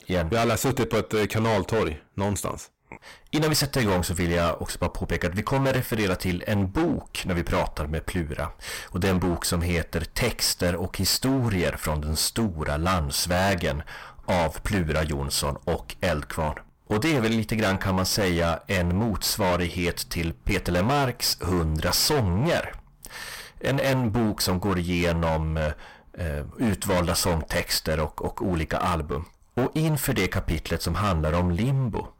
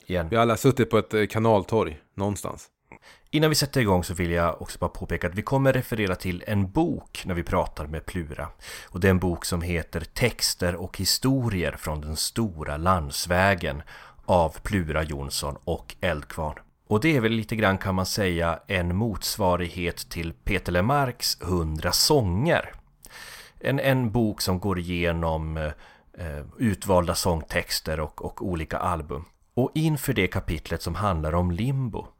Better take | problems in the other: second | distortion; heavy; 20% of the sound clipped

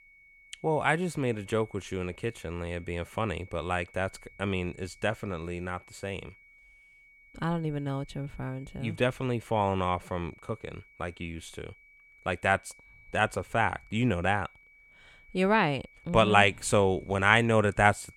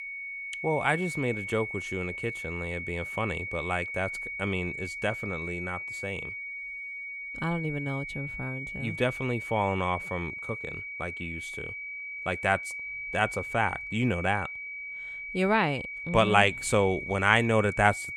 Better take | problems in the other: first | high-pitched whine; loud; throughout; 2.5 kHz, 6 dB below the speech; faint in the first

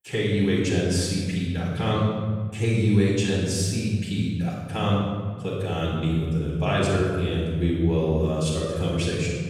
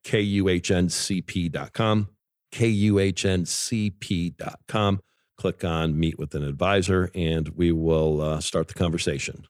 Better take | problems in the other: second | off-mic speech; far // room echo; strong; dies away in 2 s

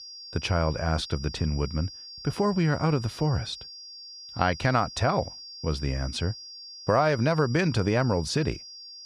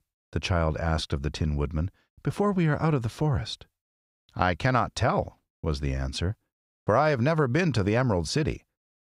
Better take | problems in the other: second | high-pitched whine; noticeable; throughout; 5 kHz, 15 dB below the speech

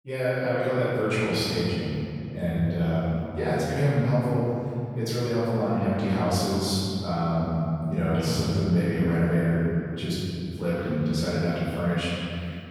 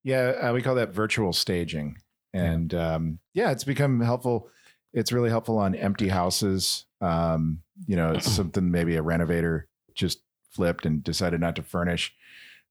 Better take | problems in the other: second | off-mic speech; far // room echo; strong; dies away in 2.7 s

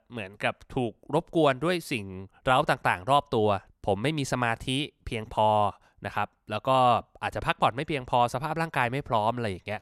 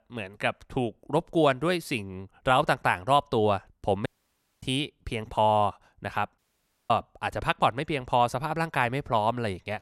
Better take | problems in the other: first | audio cutting out; at 4 s for 0.5 s and at 6.5 s for 0.5 s

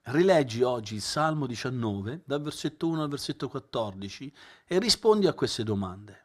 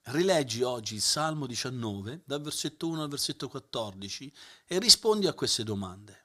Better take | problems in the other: second | muffled; slightly; fading above 3.5 kHz

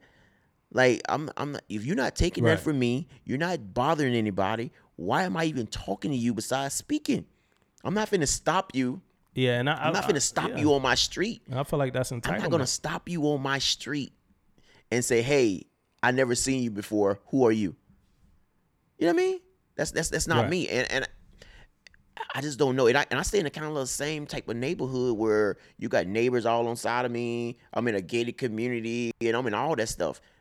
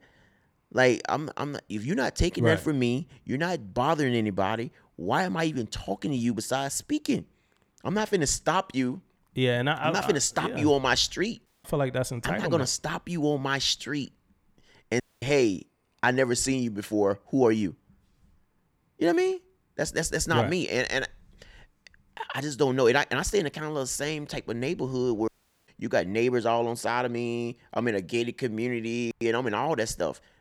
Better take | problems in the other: first | audio cutting out; at 11 s, at 15 s and at 25 s

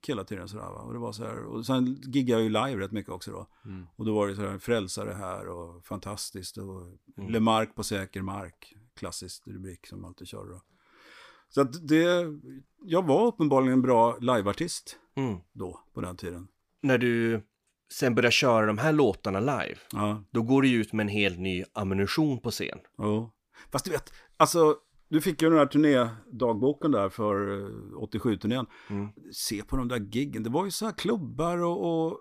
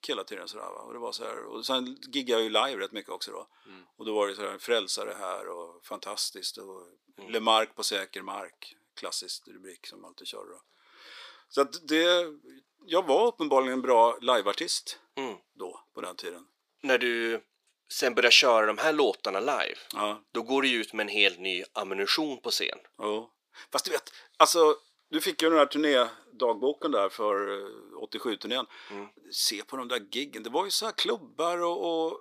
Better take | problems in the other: first | thin; somewhat; fading below 400 Hz

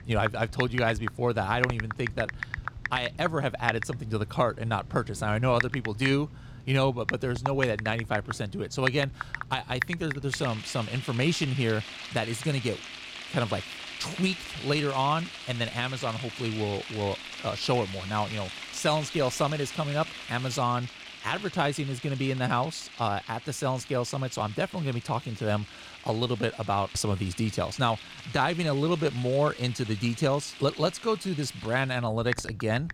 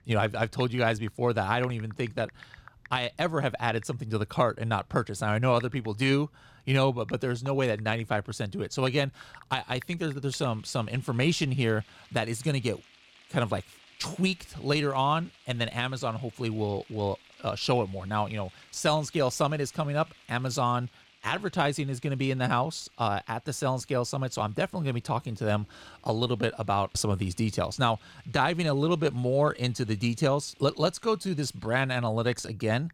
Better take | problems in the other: second | household noises; loud; throughout; 8 dB below the speech; faint in the second

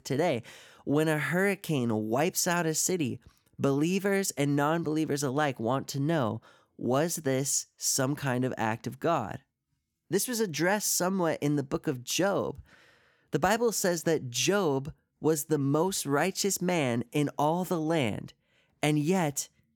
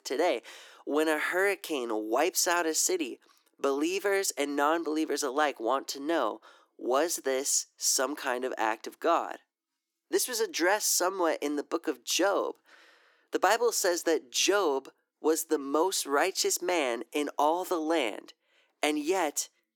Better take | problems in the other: first | thin; somewhat; fading below 300 Hz

